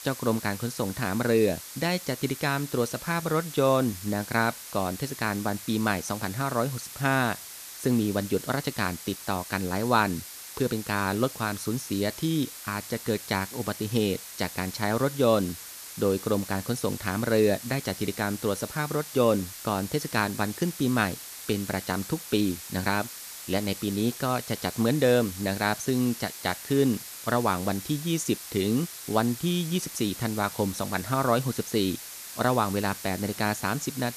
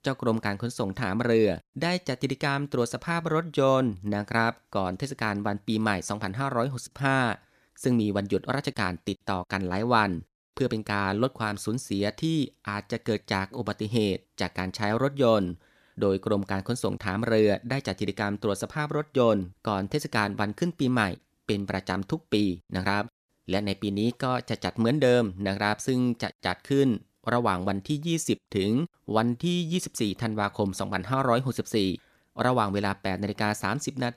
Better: second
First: hiss; noticeable; throughout; 10 dB below the speech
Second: none

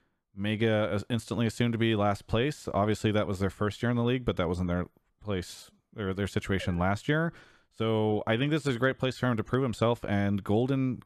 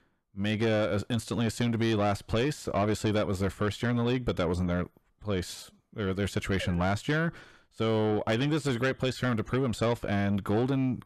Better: first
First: none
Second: distortion; slight; 10 dB below the speech

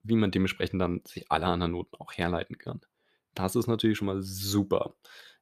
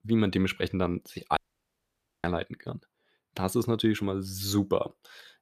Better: first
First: none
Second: audio cutting out; at 1.5 s for 1 s

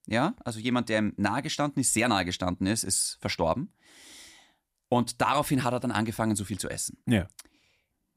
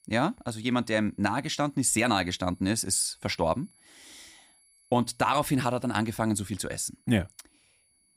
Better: first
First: none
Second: high-pitched whine; faint; throughout; 11 kHz, 35 dB below the speech

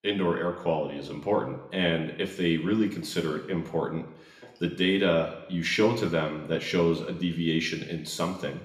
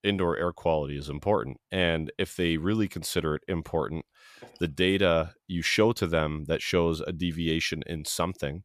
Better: second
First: room echo; slight; dies away in 0.9 s // off-mic speech; somewhat distant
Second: none

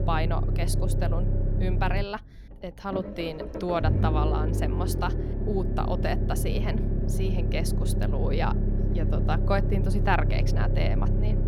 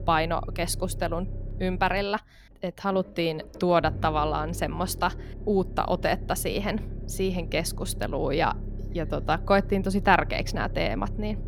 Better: second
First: low rumble; loud; throughout; 5 dB below the speech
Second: low rumble; faint; throughout; 20 dB below the speech

